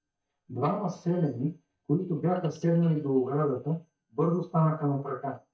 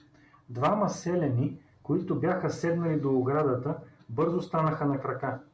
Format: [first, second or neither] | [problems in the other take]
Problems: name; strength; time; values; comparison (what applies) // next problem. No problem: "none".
second | noise reduction (neural mask model DeepFilterNet 3)